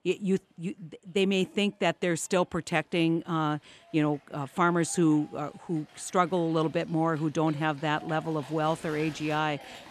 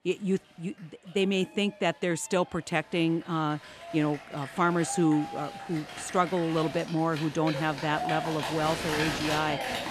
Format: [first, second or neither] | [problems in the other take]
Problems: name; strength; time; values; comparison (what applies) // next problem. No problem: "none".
first | crowd noise; loud; throughout; 6 dB below the speech; faint in the first